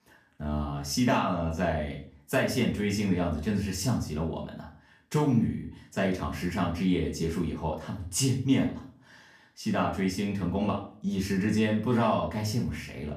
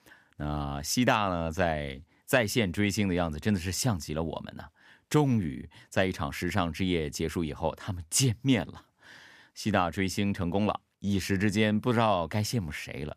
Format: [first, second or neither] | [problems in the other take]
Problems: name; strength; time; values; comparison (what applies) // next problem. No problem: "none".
second | off-mic speech; far // room echo; slight; dies away in 0.4 s